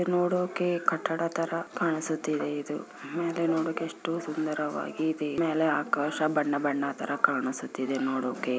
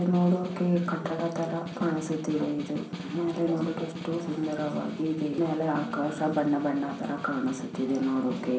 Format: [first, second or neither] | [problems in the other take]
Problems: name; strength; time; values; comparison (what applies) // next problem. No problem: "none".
first | background sound (Snare drum); 13 dB below the speech // room echo; dies away in 0.6 s